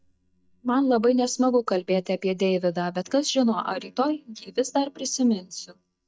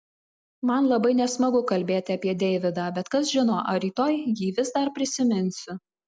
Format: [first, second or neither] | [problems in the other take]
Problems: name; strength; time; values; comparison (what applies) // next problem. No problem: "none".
second | noise reduction (neural mask model DeepFilterNet 3)